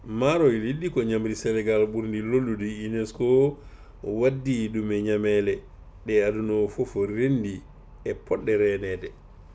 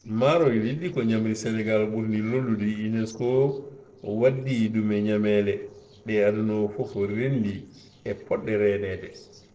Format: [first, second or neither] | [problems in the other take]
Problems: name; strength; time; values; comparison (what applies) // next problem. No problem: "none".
first | noise reduction (neural separator model SepFormer DNS4)